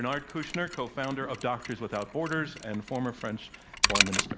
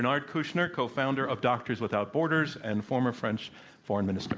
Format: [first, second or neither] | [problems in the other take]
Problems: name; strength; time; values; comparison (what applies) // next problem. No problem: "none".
second | background sound (Mechanisms); 1 dB below the speech